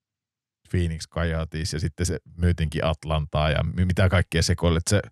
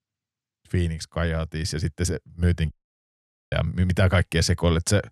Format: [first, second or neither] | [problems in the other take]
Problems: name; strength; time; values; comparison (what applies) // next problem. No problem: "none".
first | audio cutting out; at 2.5 s for 1 s